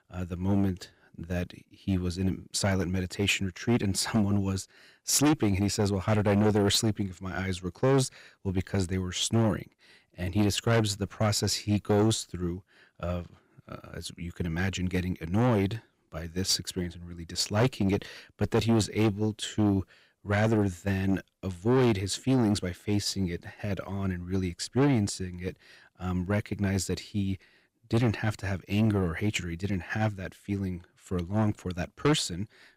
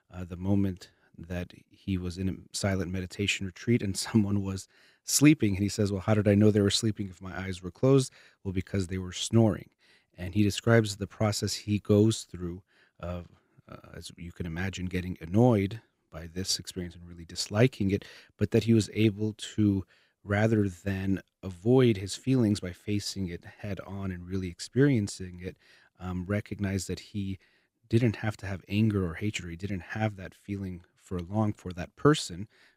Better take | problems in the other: second | distortion; heavy; 6 dB below the speech

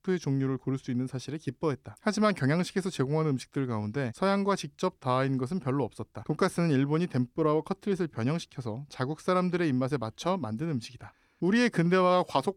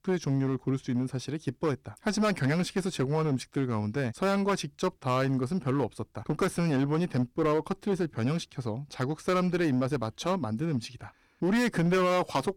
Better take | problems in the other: first | distortion; slight; 9% of the sound clipped

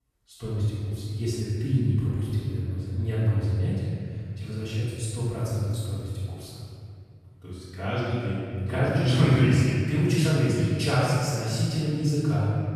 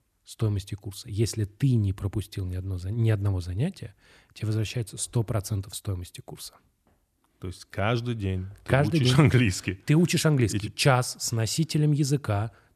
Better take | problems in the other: second | room echo; strong; dies away in 2.2 s // off-mic speech; far

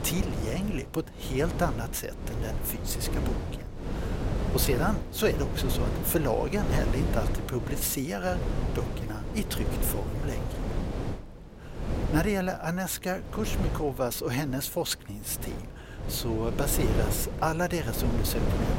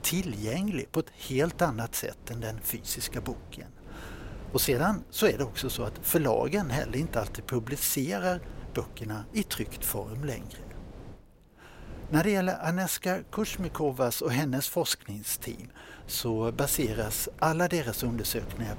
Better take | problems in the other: second | wind noise on the microphone; heavy; 6 dB below the speech; occasional gusts in the second

